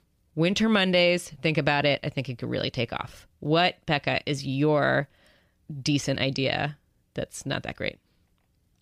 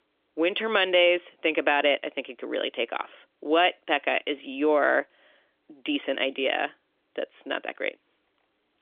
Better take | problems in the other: first | phone-call audio; nothing above 3 kHz

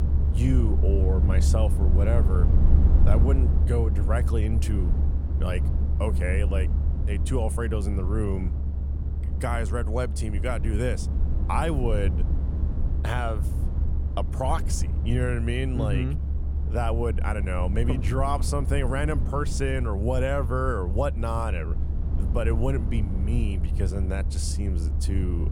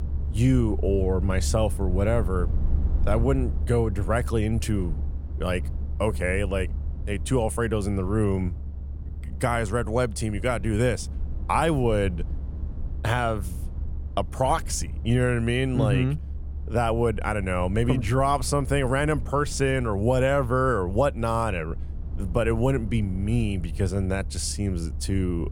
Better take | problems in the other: second | low rumble; loud; throughout; 10 dB below the speech; faint in the second

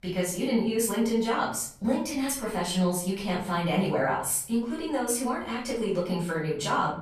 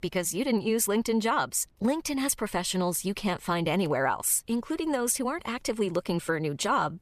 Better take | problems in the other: second | room echo; noticeable; dies away in 0.5 s // off-mic speech; far

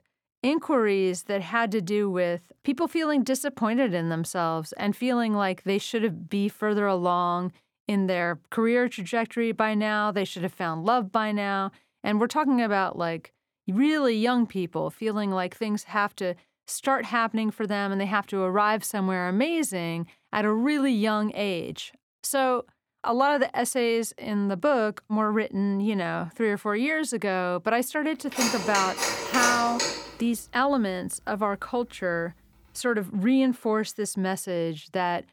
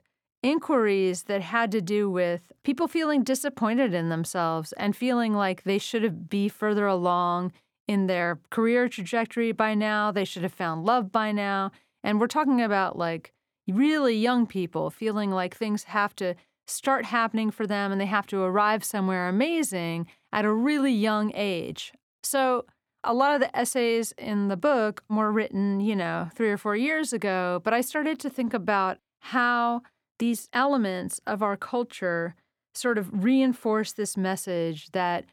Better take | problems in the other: second | phone ringing; loud; from 28 to 30 s; peak 1 dB above the speech

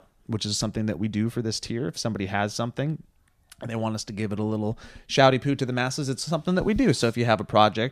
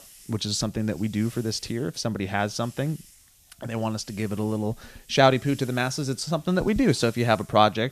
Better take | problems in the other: first | hiss; faint; throughout; 25 dB below the speech

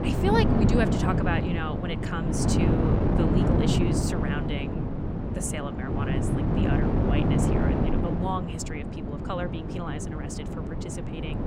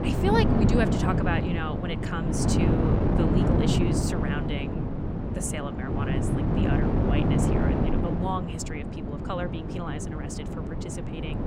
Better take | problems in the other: neither | wind noise on the microphone; heavy; 1 dB above the speech; the same in both

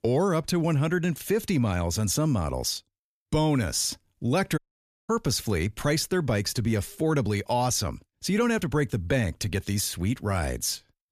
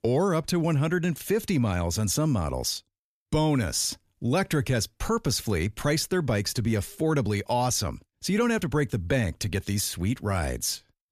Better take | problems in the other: second | audio cutting out; at 4.5 s for 0.5 s

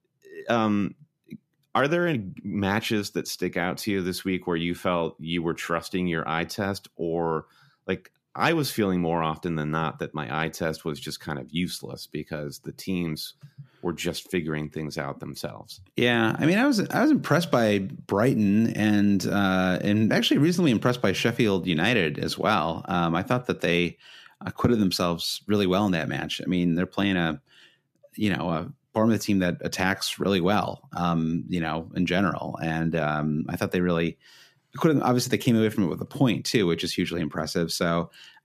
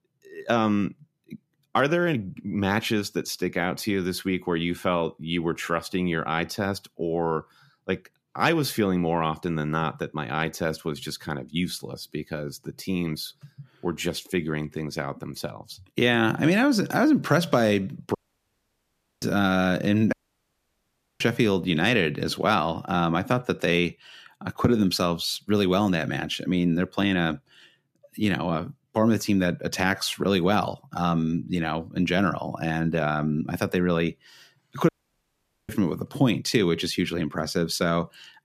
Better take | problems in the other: first | audio cutting out; at 18 s for 1 s, at 20 s for 1 s and at 35 s for 1 s

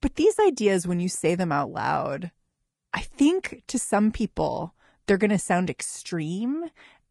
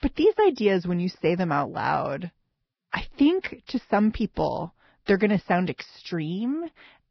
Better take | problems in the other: first | garbled, watery; badly; nothing above 5.5 kHz; slightly in the first

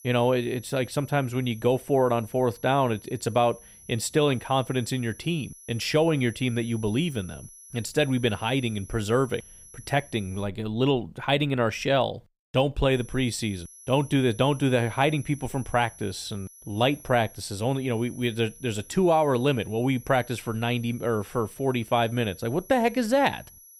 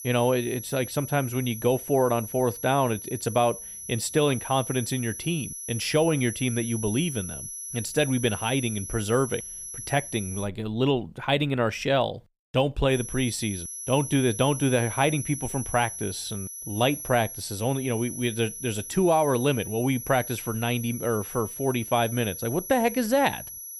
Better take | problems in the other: first | high-pitched whine; loud; until 10 s and from 13 s on; 11 kHz, 9 dB below the speech; faint in the first

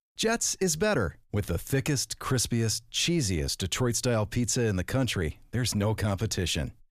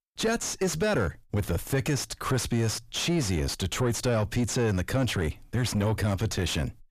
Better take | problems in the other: first | distortion; slight; 10 dB below the speech

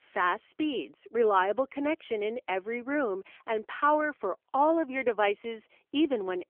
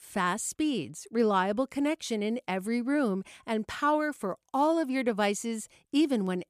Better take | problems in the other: second | phone-call audio; nothing above 3.5 kHz

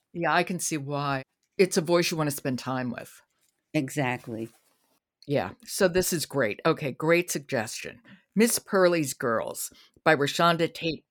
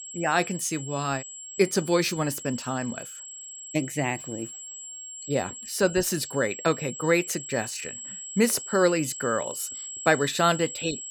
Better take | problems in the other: first | high-pitched whine; loud; throughout; 7.5 kHz, 10 dB below the speech

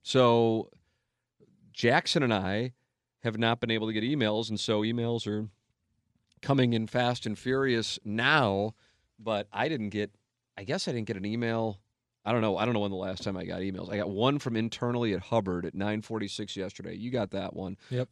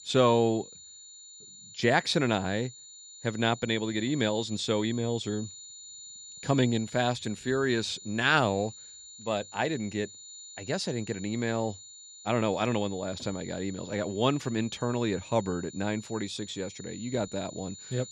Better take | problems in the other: first | high-pitched whine; noticeable; throughout; 7 kHz, 15 dB below the speech

